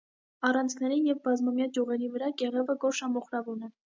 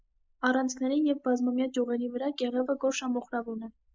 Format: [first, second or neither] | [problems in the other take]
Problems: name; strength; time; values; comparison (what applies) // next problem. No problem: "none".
first | noise reduction (neural mask model Resemble Enhance denoiser)